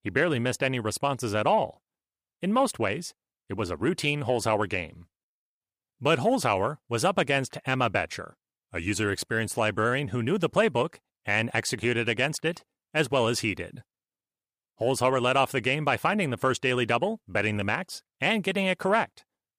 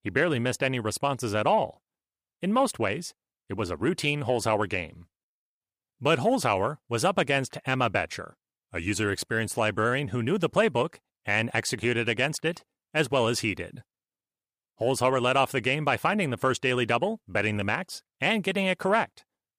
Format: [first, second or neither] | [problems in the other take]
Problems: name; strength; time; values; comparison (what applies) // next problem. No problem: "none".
neither | none